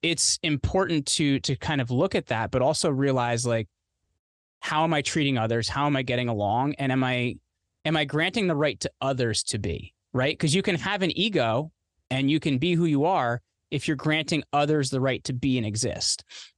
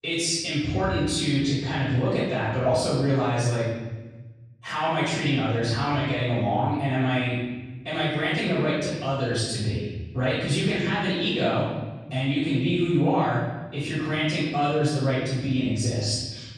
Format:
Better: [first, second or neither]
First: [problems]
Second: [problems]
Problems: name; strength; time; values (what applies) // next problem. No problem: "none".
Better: first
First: none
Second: off-mic speech; far // room echo; strong; dies away in 1.3 s